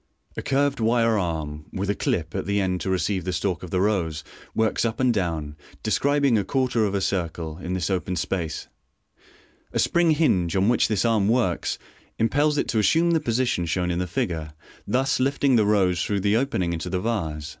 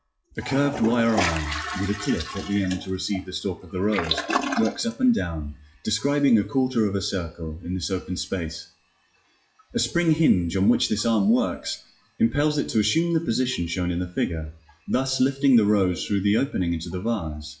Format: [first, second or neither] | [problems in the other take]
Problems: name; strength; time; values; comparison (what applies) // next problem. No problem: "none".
first | noise reduction (classical method WPE with log-MMSE)